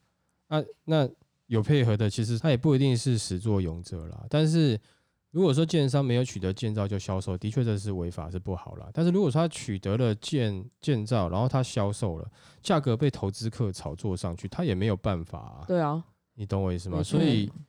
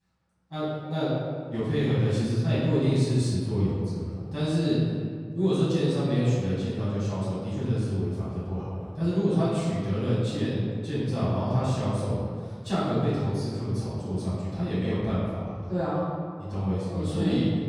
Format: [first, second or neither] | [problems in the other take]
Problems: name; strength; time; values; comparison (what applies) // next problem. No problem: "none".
first | room echo; strong; dies away in 1.7 s // off-mic speech; far